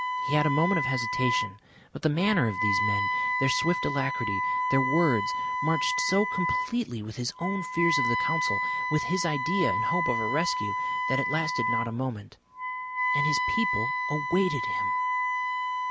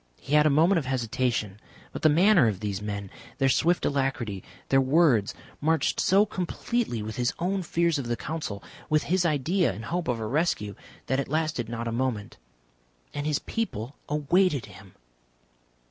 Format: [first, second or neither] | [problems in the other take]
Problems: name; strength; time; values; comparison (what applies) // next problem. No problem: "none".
second | background sound (Wind instrument, woodwind instrument); 1 dB above the speech